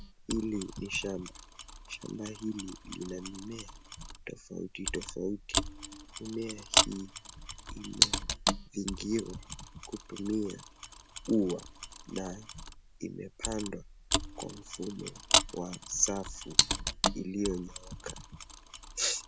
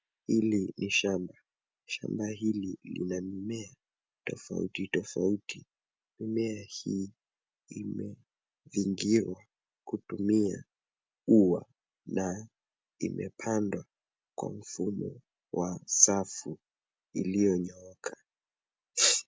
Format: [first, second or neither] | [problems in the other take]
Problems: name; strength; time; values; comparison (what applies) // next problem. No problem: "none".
second | background sound (Mechanisms); 2 dB above the speech